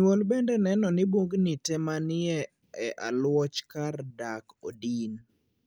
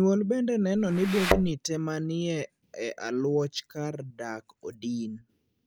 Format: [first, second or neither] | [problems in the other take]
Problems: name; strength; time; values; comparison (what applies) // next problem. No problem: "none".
first | background sound (Thump, thud); as loud as the speech